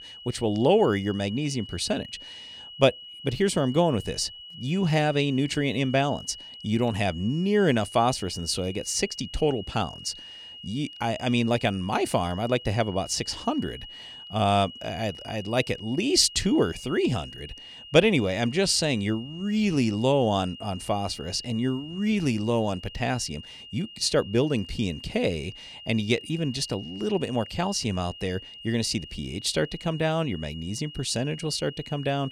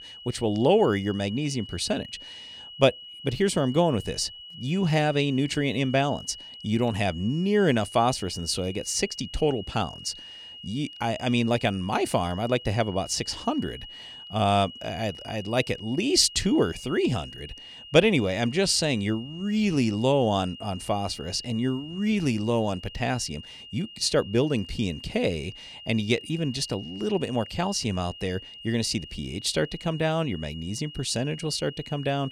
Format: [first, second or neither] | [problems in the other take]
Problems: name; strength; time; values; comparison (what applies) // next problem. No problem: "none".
neither | high-pitched whine; noticeable; throughout; 3 kHz, 15 dB below the speech; the same in both